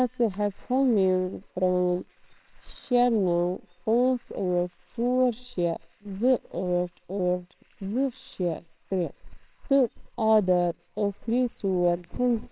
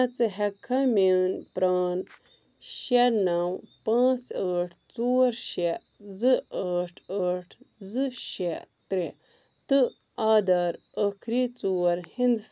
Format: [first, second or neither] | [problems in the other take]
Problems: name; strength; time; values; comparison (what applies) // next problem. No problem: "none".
second | noise reduction (neural separator model SepFormer WHAMR!)